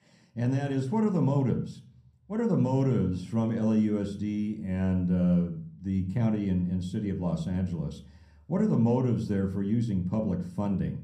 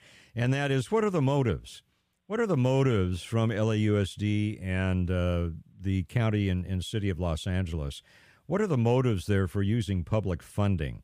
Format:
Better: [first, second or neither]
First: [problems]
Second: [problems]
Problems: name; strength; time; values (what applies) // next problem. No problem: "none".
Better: second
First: room echo; slight; dies away in 0.6 s // off-mic speech; somewhat distant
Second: none